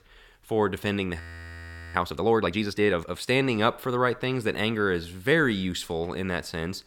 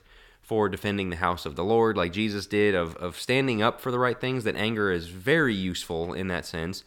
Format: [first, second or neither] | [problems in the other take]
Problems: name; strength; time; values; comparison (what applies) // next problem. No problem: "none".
second | audio freezing; at 1 s for 0.5 s